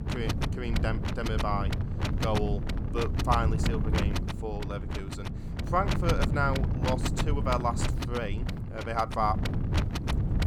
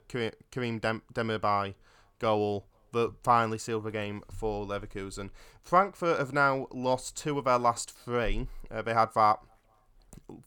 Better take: second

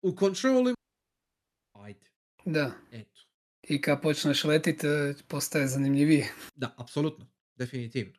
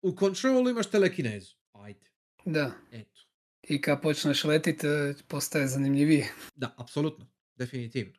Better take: second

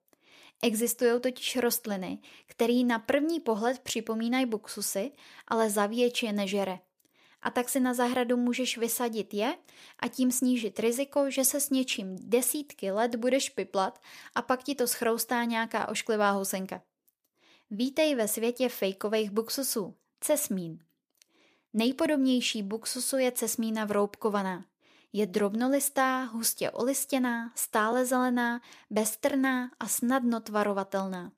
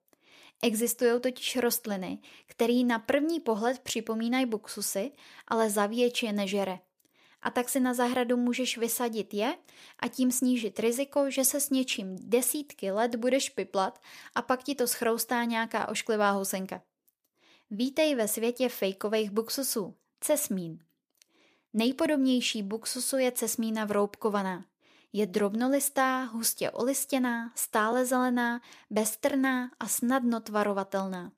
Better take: neither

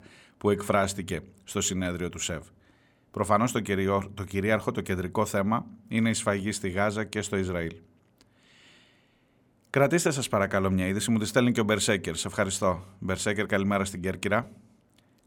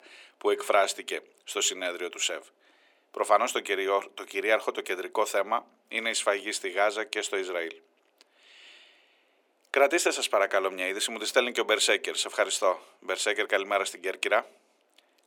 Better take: first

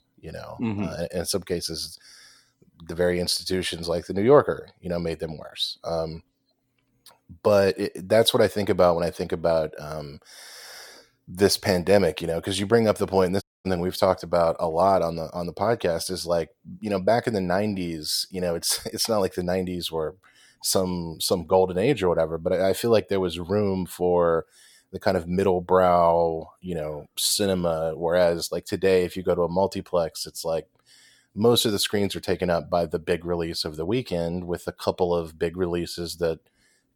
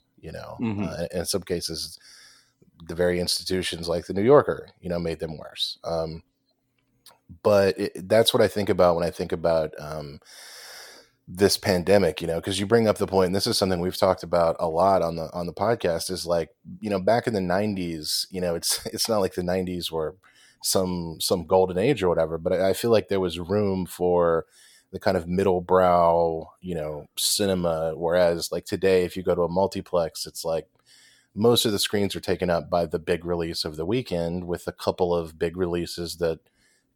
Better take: second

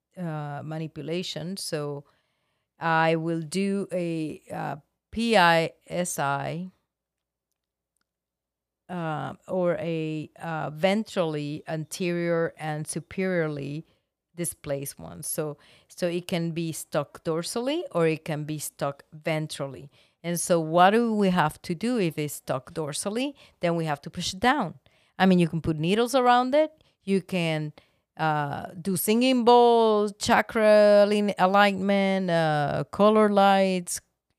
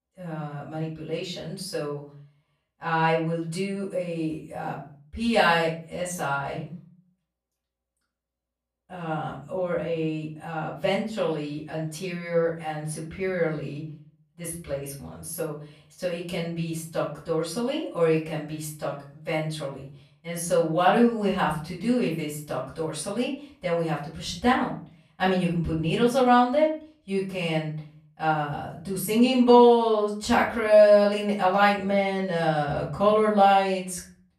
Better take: first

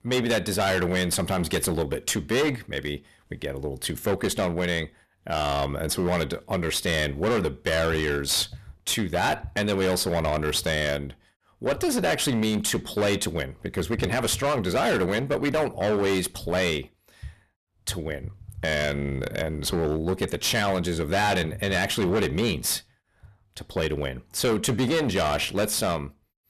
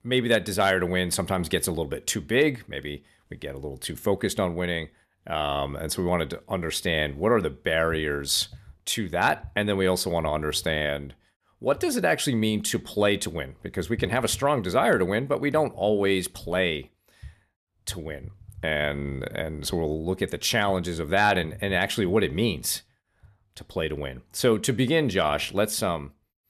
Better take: second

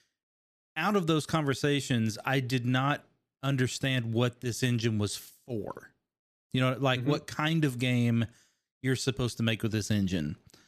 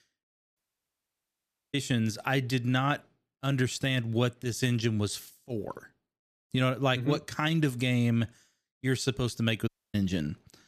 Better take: first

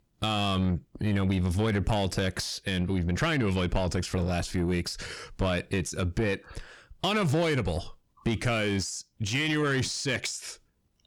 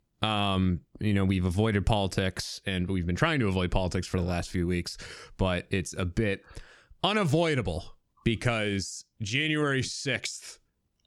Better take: second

